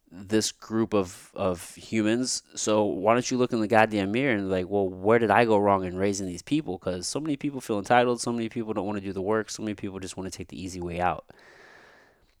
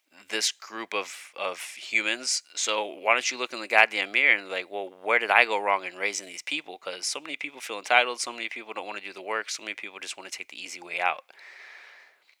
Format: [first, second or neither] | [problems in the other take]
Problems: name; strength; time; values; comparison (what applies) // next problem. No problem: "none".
first | thin; very; fading below 750 Hz